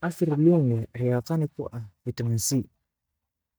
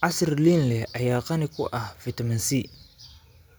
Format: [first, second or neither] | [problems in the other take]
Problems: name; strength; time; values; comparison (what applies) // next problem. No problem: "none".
second | noise reduction (neural mask model DeepFilterNet 3)